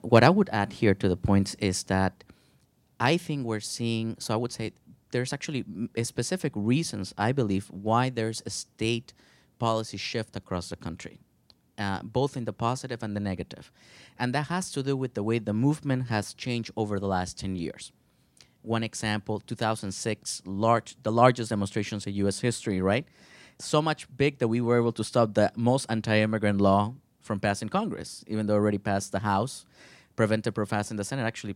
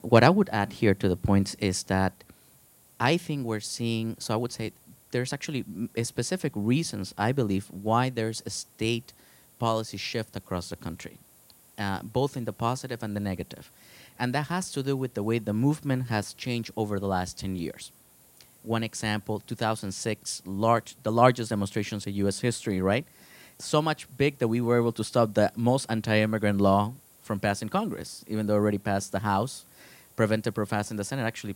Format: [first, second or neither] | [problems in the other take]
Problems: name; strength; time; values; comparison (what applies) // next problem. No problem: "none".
first | hiss; faint; throughout; 25 dB below the speech